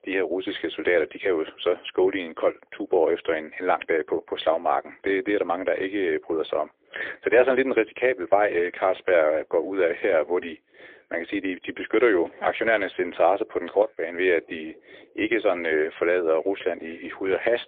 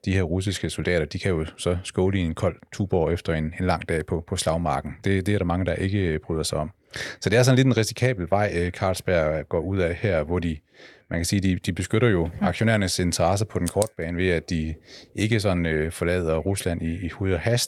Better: second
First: phone-call audio; poor line; nothing above 3.5 kHz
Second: none

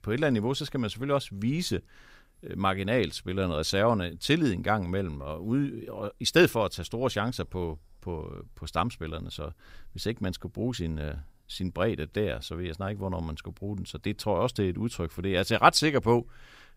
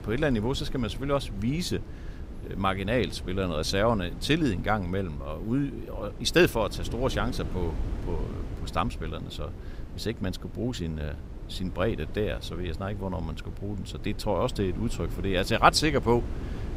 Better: first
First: none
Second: wind noise on the microphone; occasional gusts; 20 dB below the speech

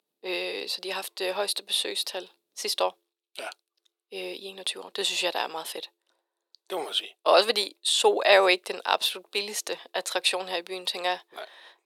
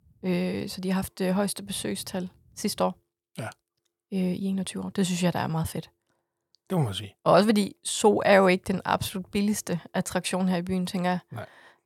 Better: second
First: thin; very; fading below 350 Hz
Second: none

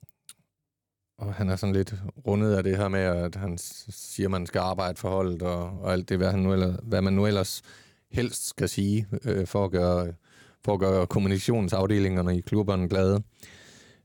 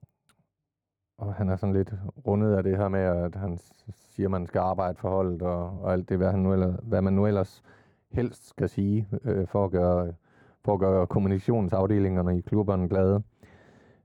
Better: first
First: none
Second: muffled; very; fading above 2.5 kHz

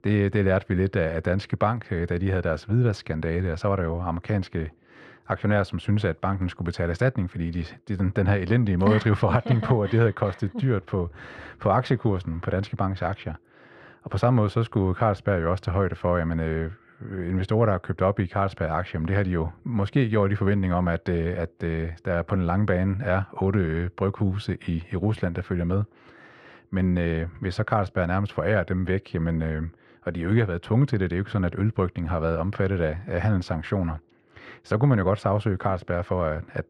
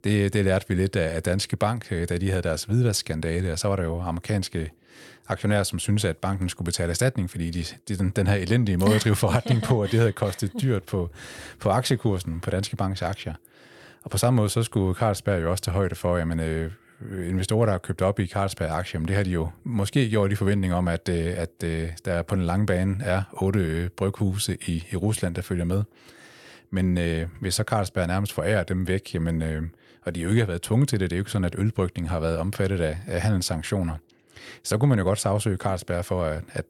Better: second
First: muffled; slightly; fading above 2.5 kHz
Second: none

